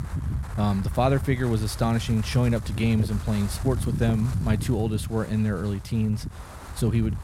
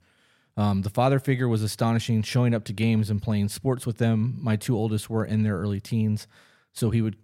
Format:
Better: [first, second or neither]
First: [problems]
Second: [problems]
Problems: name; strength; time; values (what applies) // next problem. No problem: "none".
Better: second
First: wind noise on the microphone; occasional gusts; 10 dB below the speech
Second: none